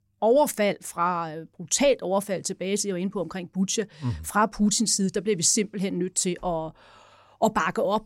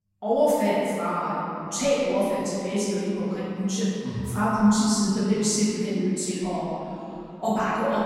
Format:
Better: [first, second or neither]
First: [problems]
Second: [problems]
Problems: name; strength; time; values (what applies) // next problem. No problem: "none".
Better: first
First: none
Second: off-mic speech; far // room echo; strong; dies away in 2.6 s